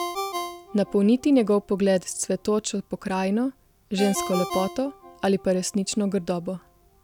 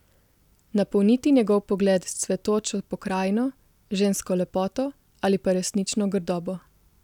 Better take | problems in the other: second | background sound (Ringtone); 12 dB below the speech

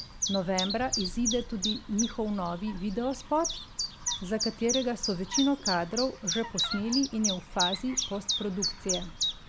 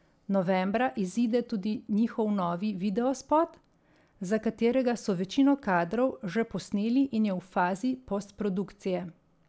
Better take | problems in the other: second | background sound (Chirp, tweet); 3 dB below the speech

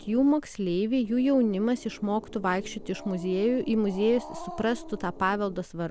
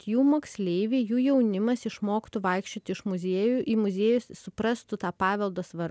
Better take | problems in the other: second | background sound (Growling); 16 dB below the speech

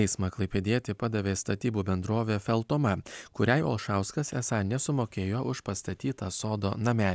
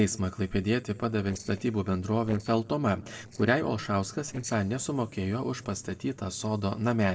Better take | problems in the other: first | noise reduction (neural separator model SepFormer DNS4)

